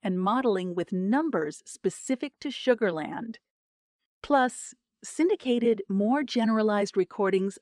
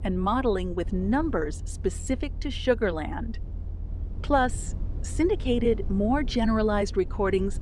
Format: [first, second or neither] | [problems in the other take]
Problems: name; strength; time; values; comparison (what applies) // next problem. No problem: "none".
first | low rumble; faint; throughout; 20 dB below the speech